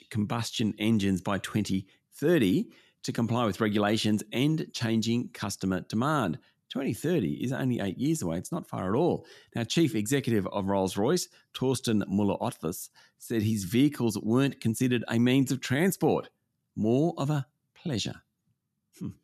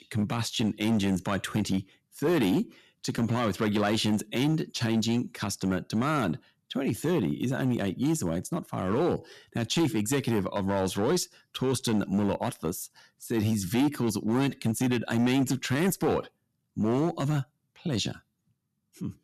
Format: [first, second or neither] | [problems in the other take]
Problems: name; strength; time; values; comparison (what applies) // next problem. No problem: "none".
first | distortion; slight; 7% of the sound clipped